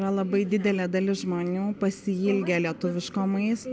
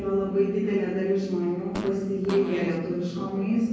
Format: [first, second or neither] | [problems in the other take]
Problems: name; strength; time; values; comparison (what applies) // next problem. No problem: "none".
first | background sound (Fart); 15 dB below the speech // room echo; dies away in 1.3 s